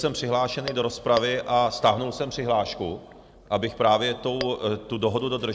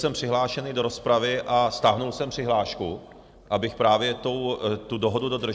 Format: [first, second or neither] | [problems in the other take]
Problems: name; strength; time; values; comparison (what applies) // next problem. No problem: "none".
second | background sound (Tap / Glass); 11 dB below the speech